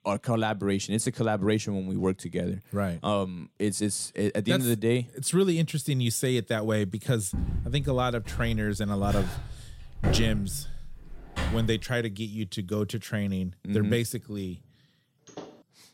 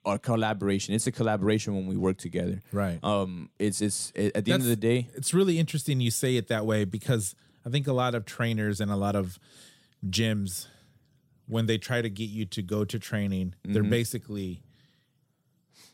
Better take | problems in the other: second | footsteps; noticeable; from 7.5 to 12 s; peak 1 dB below the speech // door banging; faint; at 15 s; peak 15 dB below the speech

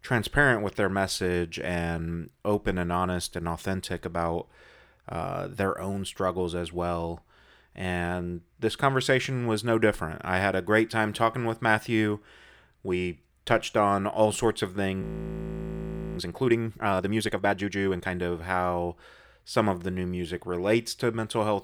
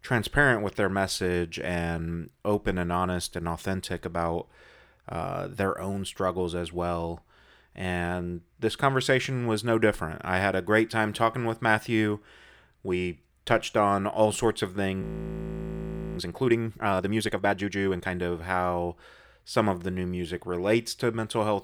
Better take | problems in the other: neither | audio freezing; at 15 s for 1 s; the same in both

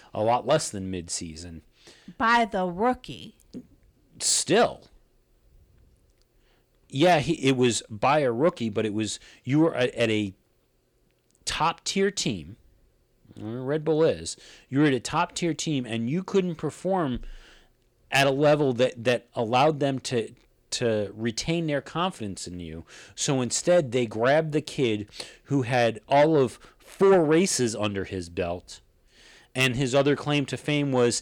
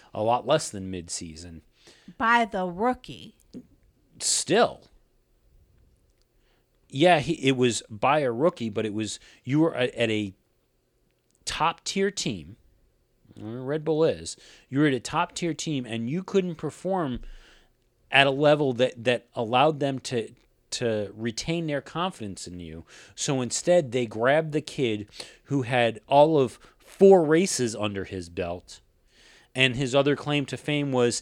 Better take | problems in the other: second | distortion; slight; 10 dB below the speech

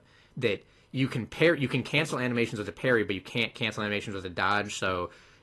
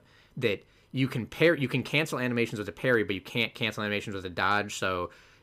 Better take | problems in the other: second | garbled, watery; slightly; nothing above 12 kHz

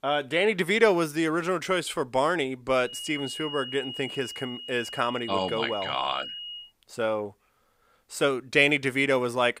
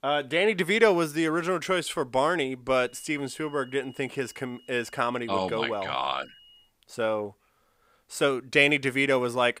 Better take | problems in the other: second | high-pitched whine; loud; from 3 to 6.5 s; 3 kHz, 10 dB below the speech; faint in the second

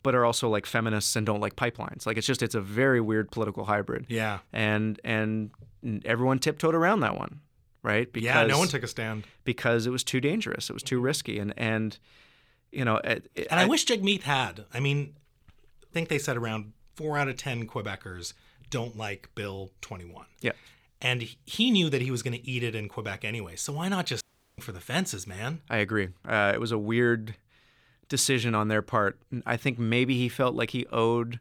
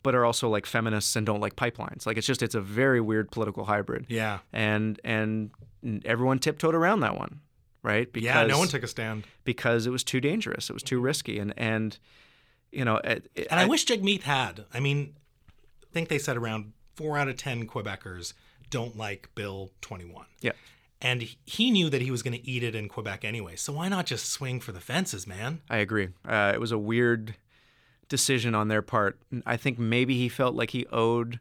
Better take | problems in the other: second | audio cutting out; at 24 s

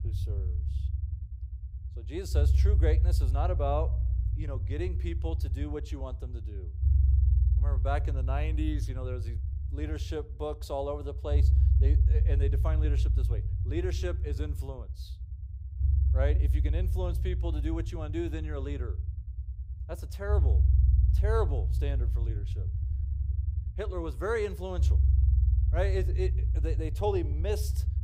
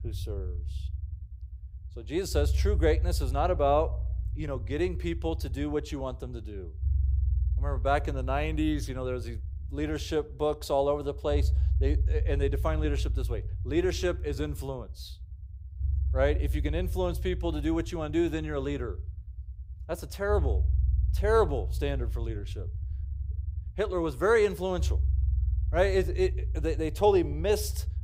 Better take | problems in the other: second | low rumble; loud; throughout; 10 dB below the speech; faint in the second

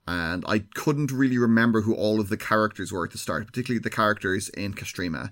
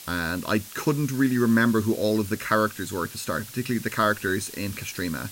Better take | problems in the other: first | hiss; noticeable; throughout; 15 dB below the speech

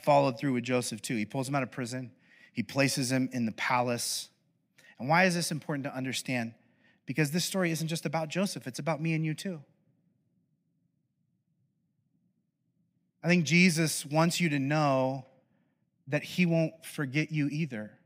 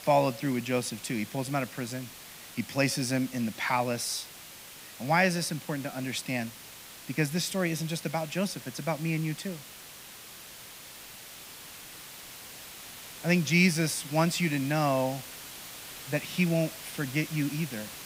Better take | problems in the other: first | hiss; noticeable; throughout; 15 dB below the speech

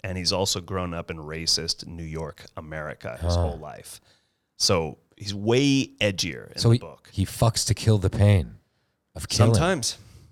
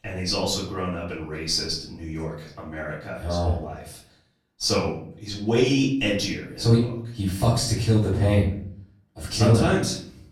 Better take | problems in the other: first | off-mic speech; far // room echo; noticeable; dies away in 0.5 s

